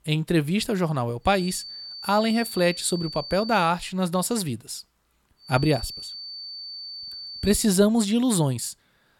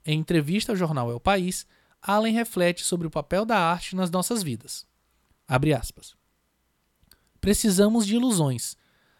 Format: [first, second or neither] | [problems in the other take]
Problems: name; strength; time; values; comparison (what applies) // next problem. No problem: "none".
second | high-pitched whine; noticeable; from 1.5 to 3.5 s and from 5.5 to 7.5 s; 4.5 kHz, 10 dB below the speech